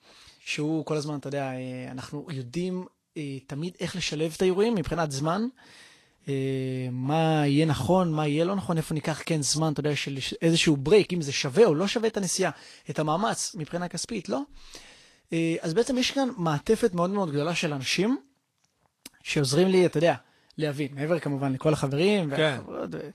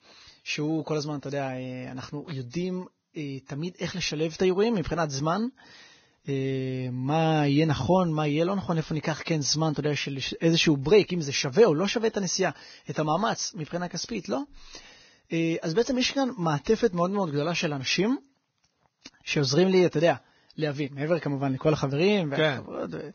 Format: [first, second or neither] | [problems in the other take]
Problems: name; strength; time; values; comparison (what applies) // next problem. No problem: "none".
first | garbled, watery; badly; nothing above 6.5 kHz; slightly in the first